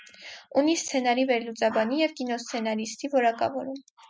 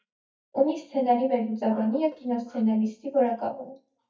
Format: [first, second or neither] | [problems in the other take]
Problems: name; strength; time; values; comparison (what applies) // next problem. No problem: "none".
first | noise reduction (neural mask model DeepFilterNet 3)